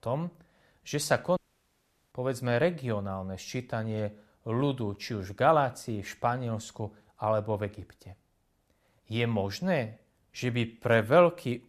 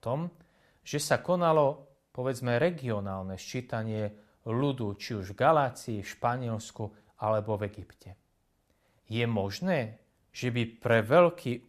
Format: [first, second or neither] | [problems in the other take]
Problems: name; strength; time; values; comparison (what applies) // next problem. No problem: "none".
second | audio cutting out; at 1.5 s for 1 s